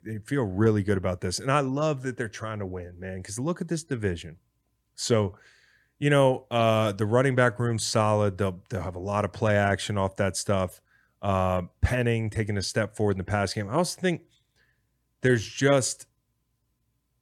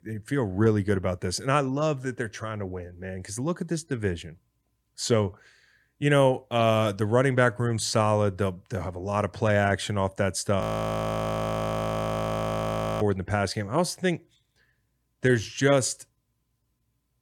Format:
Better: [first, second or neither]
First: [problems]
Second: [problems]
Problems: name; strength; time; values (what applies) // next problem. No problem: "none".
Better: first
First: none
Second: audio freezing; at 11 s for 2.5 s